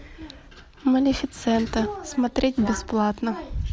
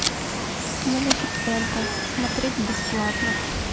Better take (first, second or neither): first